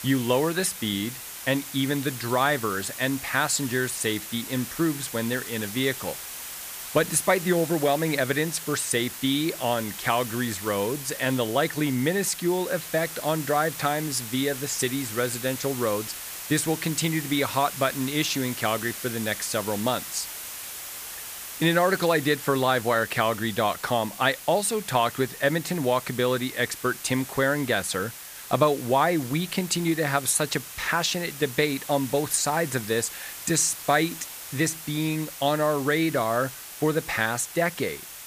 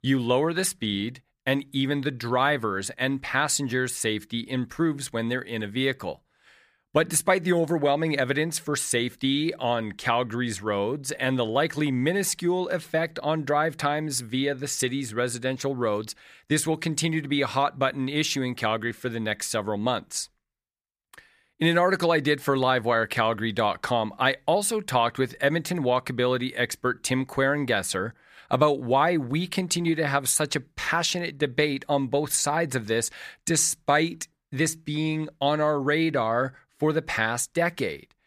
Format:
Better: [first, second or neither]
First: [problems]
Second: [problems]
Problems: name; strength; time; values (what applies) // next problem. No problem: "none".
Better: second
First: hiss; loud; throughout; 10 dB below the speech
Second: none